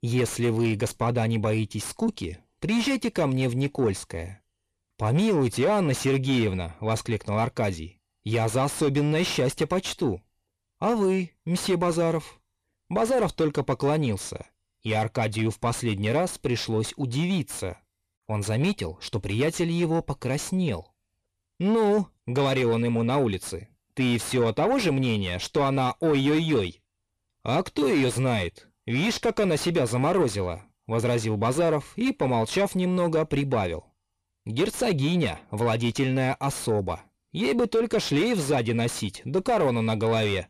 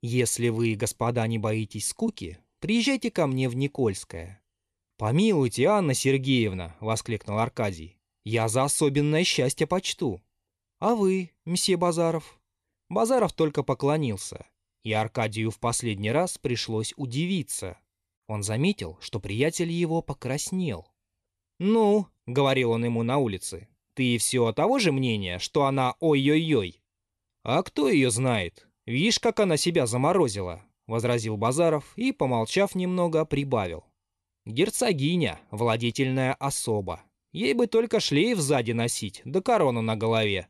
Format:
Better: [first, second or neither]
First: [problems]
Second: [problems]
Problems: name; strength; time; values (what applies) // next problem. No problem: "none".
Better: second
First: distortion; slight; 10 dB below the speech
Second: none